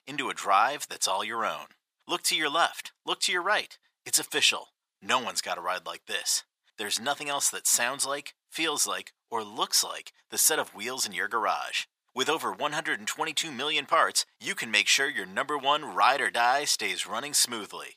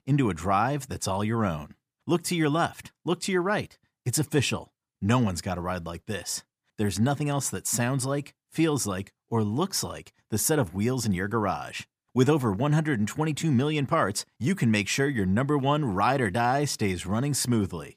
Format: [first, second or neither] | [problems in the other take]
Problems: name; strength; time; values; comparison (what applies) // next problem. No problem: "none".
second | thin; very; fading below 800 Hz